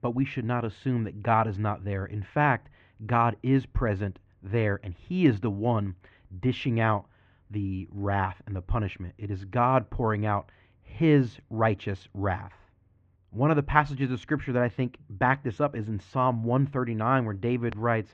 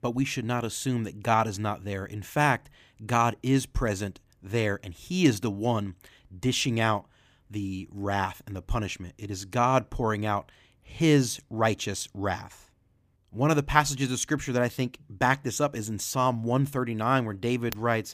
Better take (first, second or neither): second